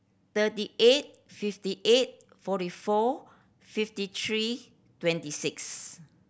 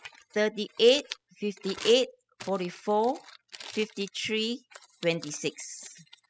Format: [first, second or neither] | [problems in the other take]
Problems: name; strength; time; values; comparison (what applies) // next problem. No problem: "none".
first | noise reduction (classical method spectral subtraction)